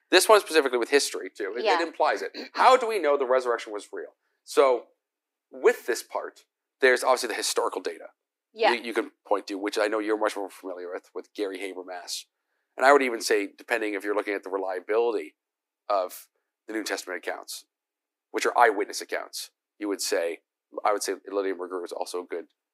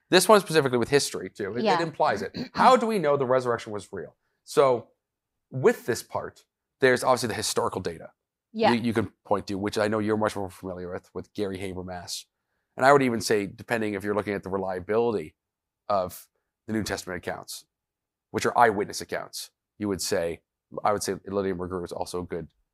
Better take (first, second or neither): second